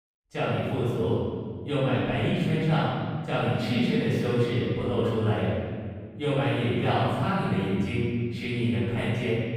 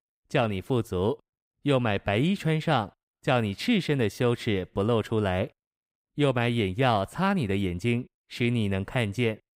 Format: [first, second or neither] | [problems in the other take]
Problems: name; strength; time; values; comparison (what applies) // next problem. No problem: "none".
second | off-mic speech; far // room echo; strong; dies away in 1.9 s